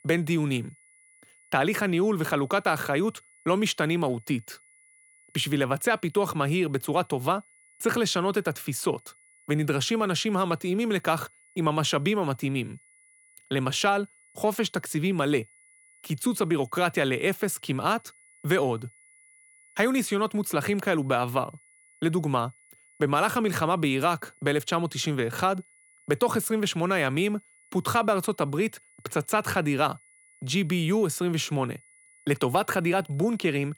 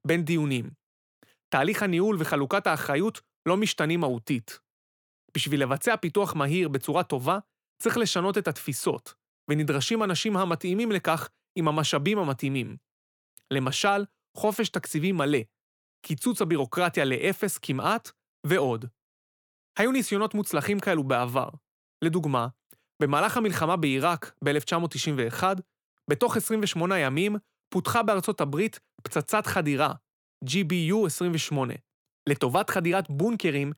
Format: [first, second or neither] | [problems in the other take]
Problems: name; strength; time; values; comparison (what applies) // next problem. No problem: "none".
second | high-pitched whine; faint; throughout; 2 kHz, 30 dB below the speech